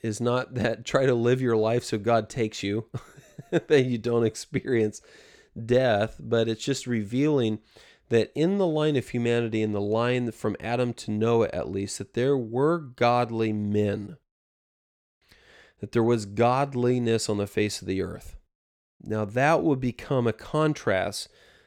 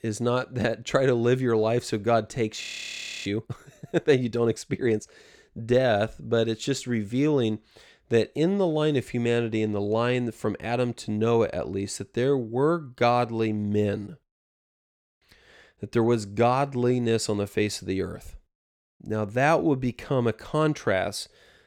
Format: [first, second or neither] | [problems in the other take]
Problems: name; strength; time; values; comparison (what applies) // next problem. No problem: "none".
first | audio freezing; at 2.5 s for 0.5 s